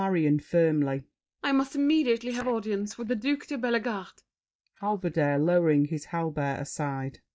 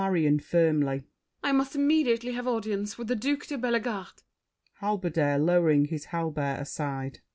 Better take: second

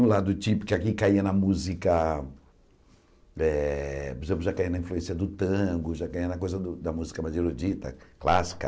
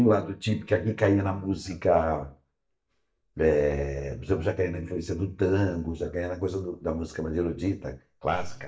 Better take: first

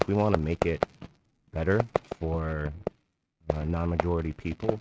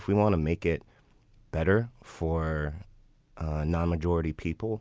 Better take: second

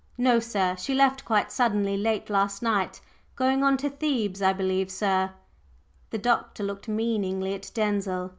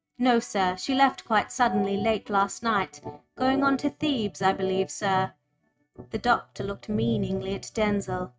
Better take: first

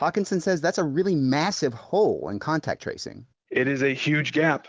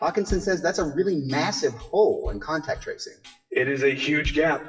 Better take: first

